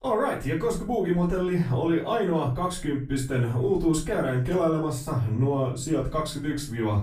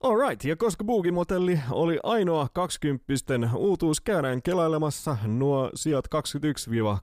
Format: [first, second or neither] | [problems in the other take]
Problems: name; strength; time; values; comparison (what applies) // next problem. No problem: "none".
second | off-mic speech; far // room echo; slight; dies away in 0.3 s